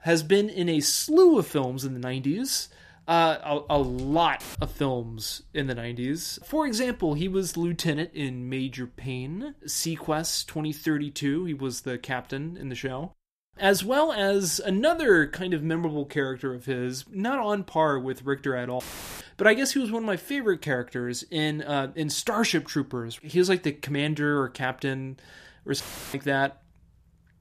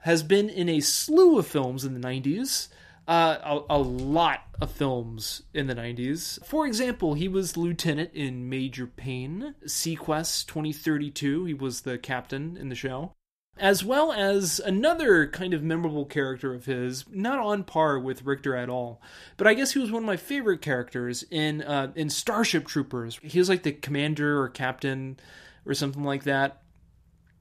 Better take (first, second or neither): second